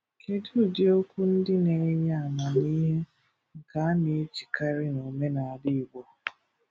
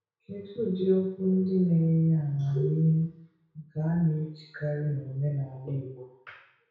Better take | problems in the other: first | room echo; dies away in 0.6 s

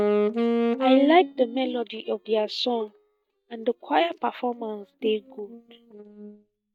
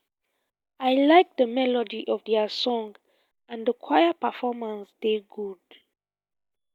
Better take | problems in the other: second | noise reduction (neural mask model DeepFilterNet 3)

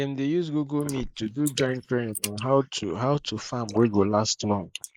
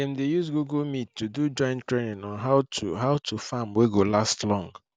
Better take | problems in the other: second | noise reduction (neural mask model Resemble Enhance denoiser)

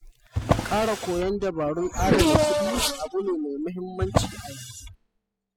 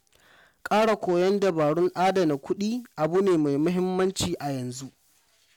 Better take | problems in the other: second | noise reduction (classical method spectral subtraction)

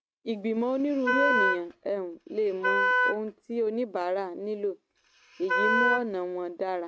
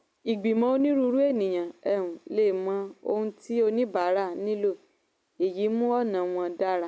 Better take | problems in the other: second | noise reduction (neural mask model RNNoise)

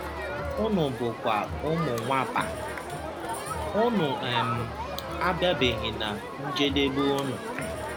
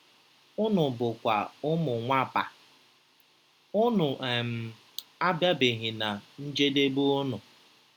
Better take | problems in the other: second | background sound (Crowd); 4 dB below the speech

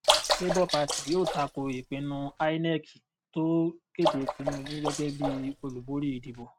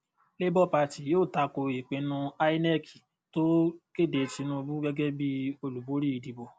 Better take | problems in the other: second | noise reduction (neural mask model RNNoise)

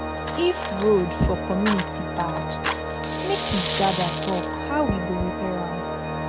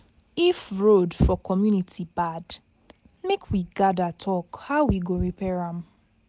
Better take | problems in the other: second | background sound (Organ + Fire); 2 dB below the speech

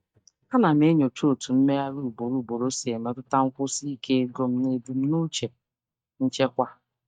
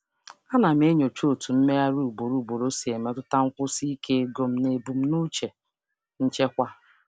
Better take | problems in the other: second | noise reduction (neural mask model DeepFilterNet 3)

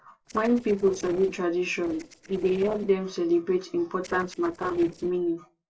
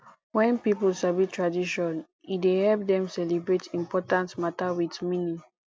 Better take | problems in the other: second | noise reduction (neural separator model SepFormer DNS4)

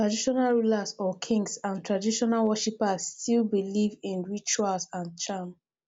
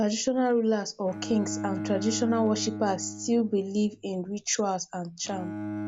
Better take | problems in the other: first | background sound (Bowed string instrument); 10 dB below the speech

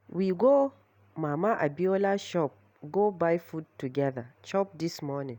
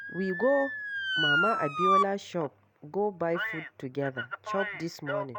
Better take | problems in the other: first | background sound (Motor vehicle (road) / Siren); as loud as the speech

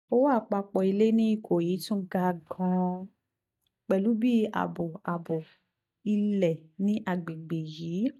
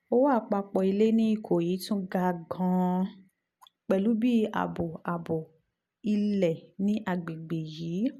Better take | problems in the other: second | noise reduction (neural mask model DeepFilterNet 3)

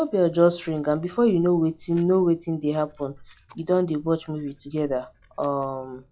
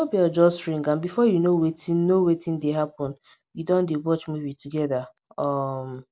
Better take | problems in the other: second | noise reduction (classical method log-MMSE)

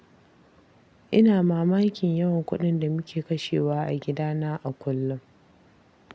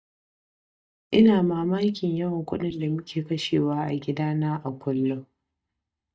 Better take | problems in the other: first | noise reduction (neural mask model DeepFilterNet 3)

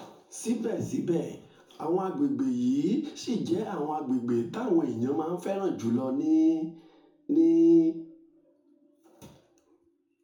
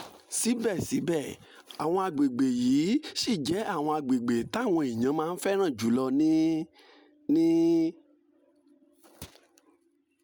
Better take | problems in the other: second | room echo; dies away in 0.5 s

